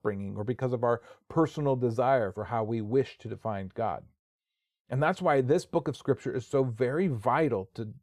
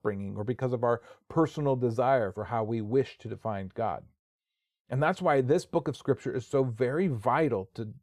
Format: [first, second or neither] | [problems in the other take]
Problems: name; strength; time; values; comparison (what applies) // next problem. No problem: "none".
neither | none